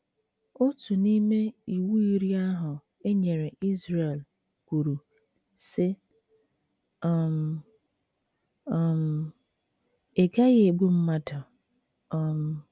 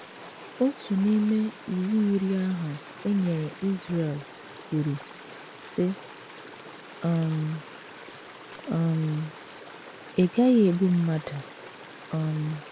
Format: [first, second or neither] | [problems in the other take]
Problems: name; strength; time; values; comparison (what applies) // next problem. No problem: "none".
first | background sound (Stream); 17 dB below the speech